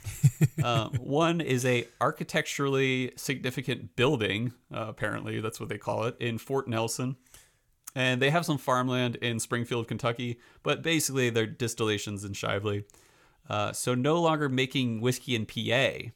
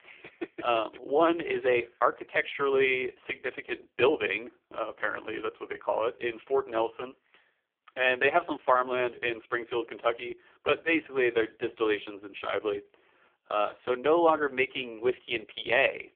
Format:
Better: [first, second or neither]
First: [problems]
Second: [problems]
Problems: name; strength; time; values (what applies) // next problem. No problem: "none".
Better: first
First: none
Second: phone-call audio; poor line; nothing above 3.5 kHz